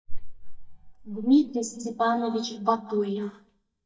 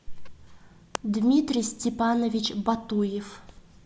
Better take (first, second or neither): second